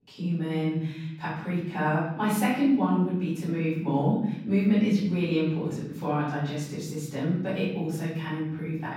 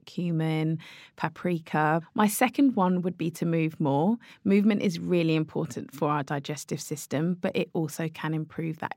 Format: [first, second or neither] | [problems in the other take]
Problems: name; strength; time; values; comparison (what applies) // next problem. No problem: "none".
second | off-mic speech; far // room echo; noticeable; dies away in 1 s